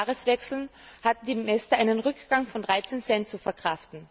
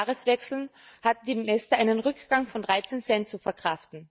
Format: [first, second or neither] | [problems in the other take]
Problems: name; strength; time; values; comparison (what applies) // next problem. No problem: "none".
first | noise reduction (neural mask model DeepFilterNet 3)